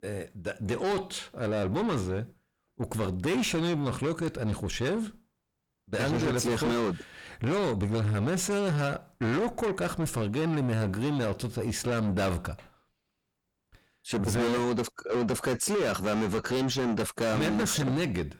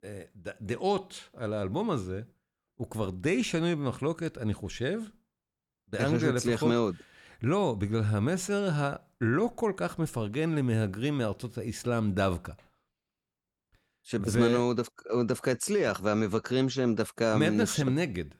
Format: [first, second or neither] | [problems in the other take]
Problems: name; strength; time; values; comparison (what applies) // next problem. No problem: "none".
second | distortion; heavy; 6 dB below the speech